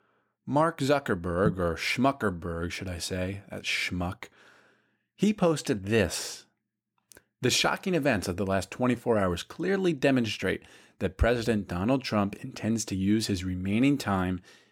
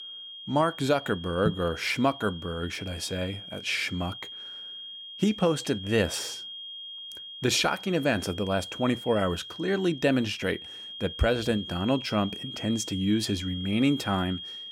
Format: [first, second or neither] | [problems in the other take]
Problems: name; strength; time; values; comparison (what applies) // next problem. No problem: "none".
first | high-pitched whine; noticeable; throughout; 3 kHz, 10 dB below the speech